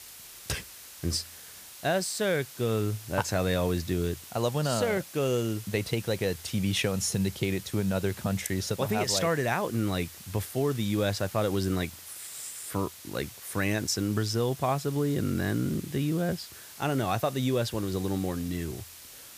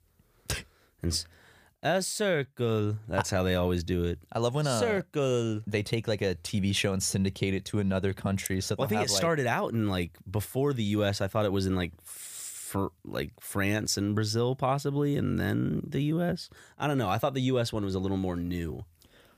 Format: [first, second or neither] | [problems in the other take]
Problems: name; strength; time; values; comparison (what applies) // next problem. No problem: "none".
second | hiss; noticeable; throughout; 15 dB below the speech